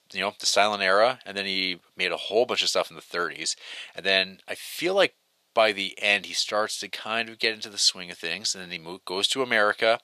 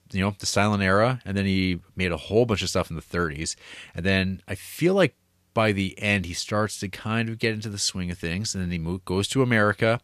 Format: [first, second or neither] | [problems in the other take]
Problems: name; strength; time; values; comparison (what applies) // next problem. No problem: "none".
second | thin; very; fading below 450 Hz